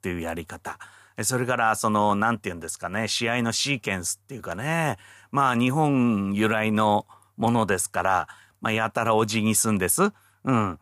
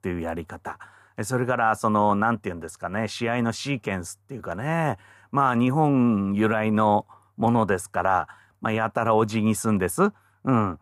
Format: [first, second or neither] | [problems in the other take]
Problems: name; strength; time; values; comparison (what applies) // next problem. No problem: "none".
first | muffled; slightly; fading above 2 kHz